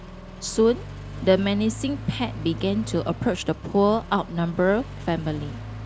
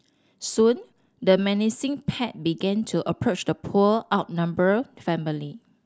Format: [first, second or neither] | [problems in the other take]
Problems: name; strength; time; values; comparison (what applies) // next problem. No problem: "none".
second | background sound (Accelerating, revving, vroom); 11 dB below the speech